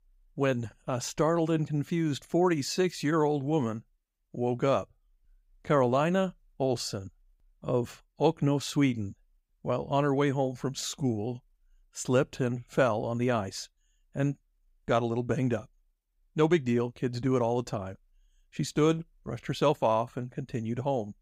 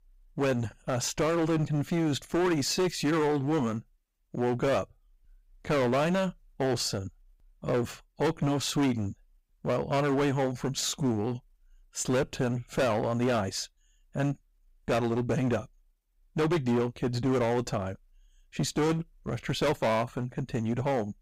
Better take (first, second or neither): first